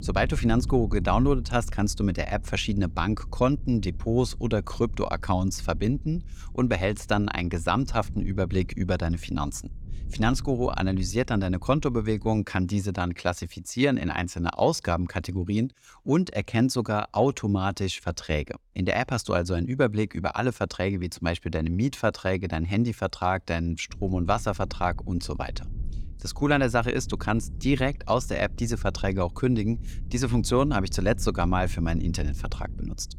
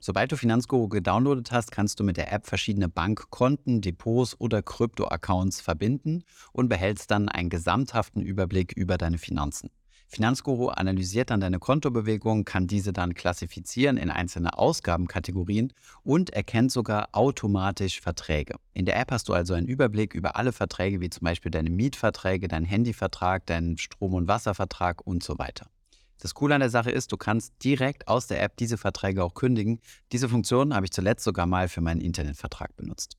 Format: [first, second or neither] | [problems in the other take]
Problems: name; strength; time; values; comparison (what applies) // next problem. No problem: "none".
second | low rumble; faint; until 12 s and from 24 s on; 25 dB below the speech